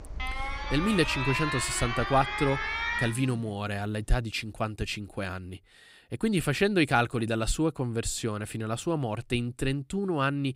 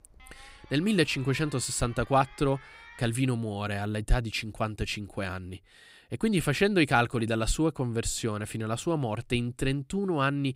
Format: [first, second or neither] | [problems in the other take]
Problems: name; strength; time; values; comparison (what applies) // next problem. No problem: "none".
second | alarms or sirens; loud; until 4 s; 3 dB below the speech; faint in the second